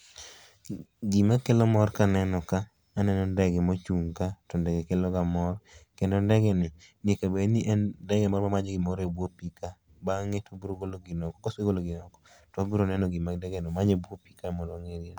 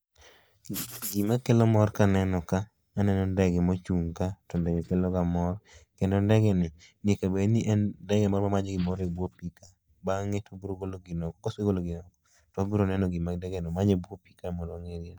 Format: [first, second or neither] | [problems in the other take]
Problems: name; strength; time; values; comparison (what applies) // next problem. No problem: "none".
first | noise reduction (neural mask model DeepFilterNet 3)